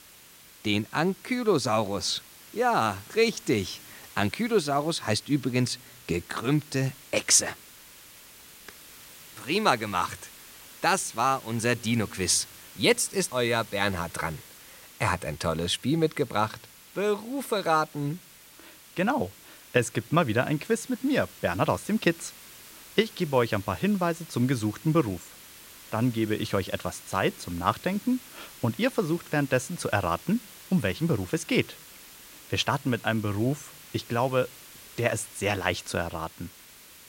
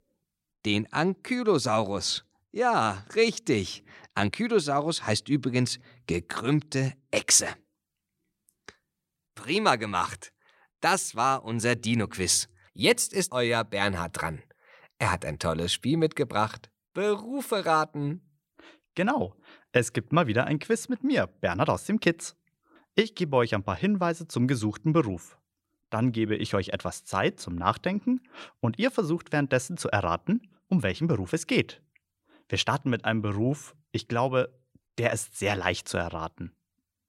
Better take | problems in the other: second | hiss; noticeable; throughout; 20 dB below the speech

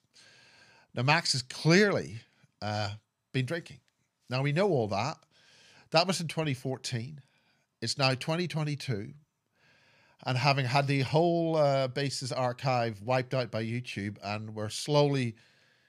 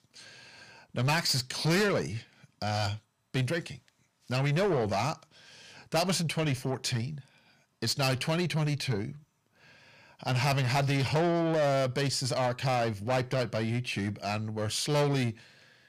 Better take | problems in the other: first | distortion; heavy; 7 dB below the speech

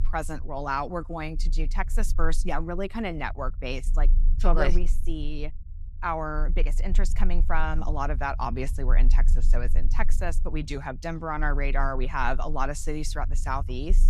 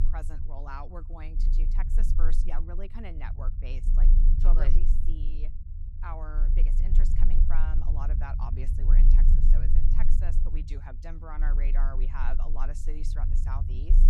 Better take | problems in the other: first | low rumble; loud; throughout; 6 dB below the speech; faint in the first

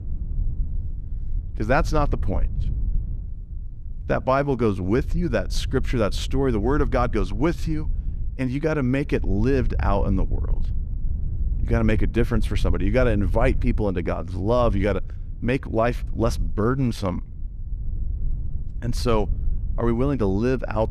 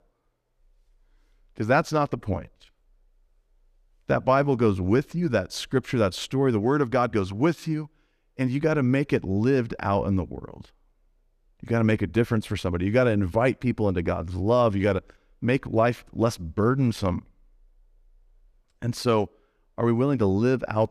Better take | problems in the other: second | low rumble; faint; throughout; 25 dB below the speech

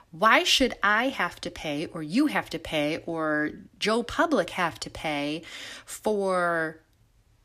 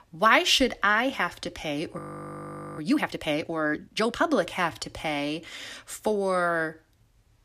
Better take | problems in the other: first | audio freezing; at 2 s for 1 s

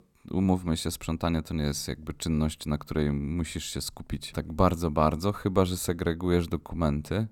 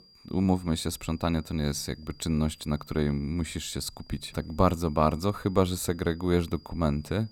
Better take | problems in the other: first | high-pitched whine; faint; throughout; 5 kHz, 25 dB below the speech

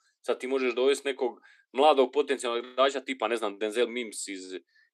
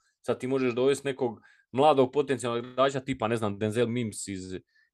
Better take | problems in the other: second | thin; very slightly; fading below 300 Hz

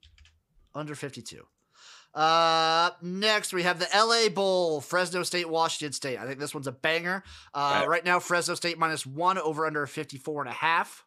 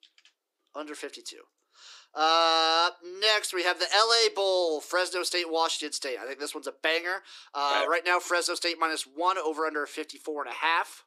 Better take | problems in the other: first | thin; somewhat; fading below 300 Hz

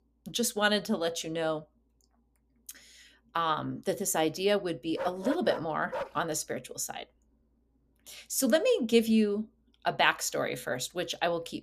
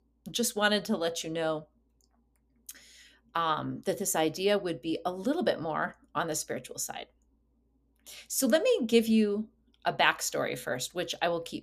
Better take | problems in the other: second | dog barking; noticeable; from 5 to 6 s; peak 7 dB below the speech

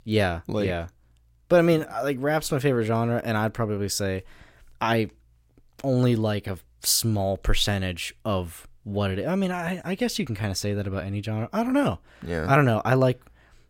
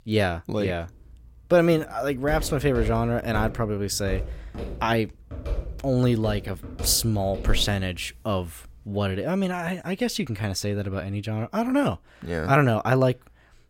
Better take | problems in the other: first | footsteps; noticeable; from 2 to 8 s; peak 8 dB below the speech

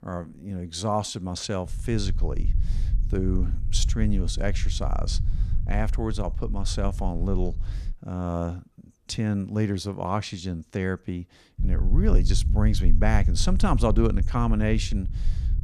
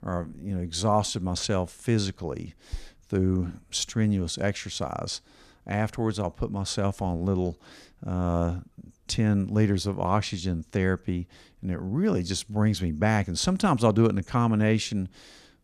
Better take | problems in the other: second | low rumble; noticeable; from 1.5 to 8 s and from 12 s on; 15 dB below the speech

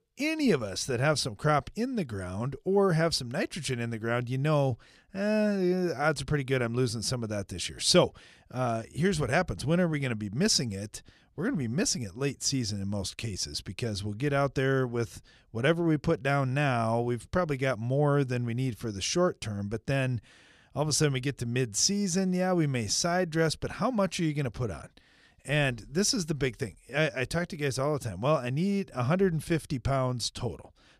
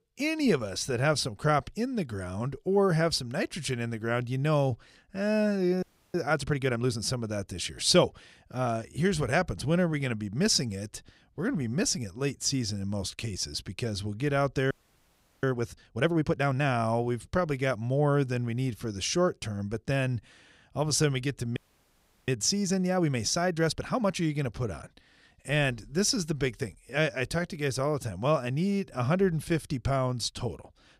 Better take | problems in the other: first | audio freezing; at 6 s, at 15 s for 0.5 s and at 22 s for 0.5 s

